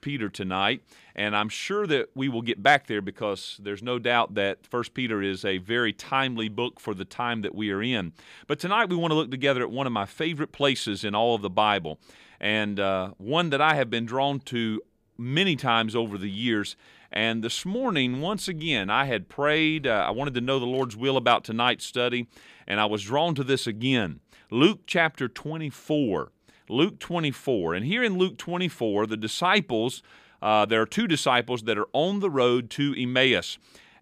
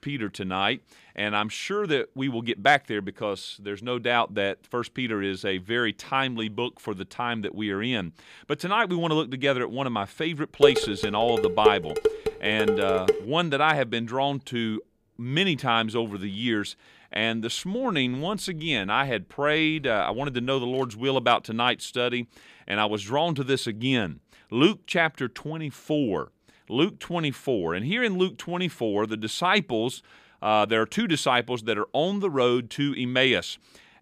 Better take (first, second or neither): first